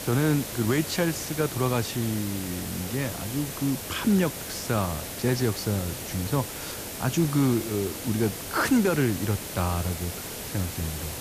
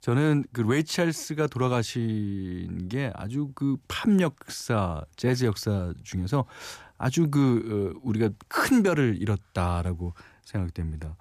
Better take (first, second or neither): second